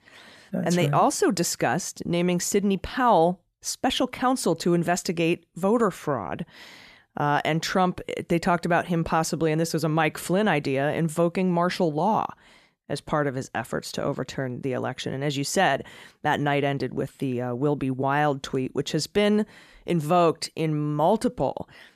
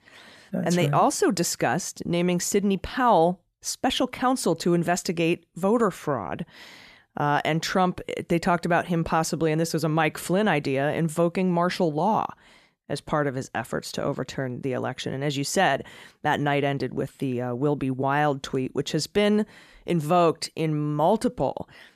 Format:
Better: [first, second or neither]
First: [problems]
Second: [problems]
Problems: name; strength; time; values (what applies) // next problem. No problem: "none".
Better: neither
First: none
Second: none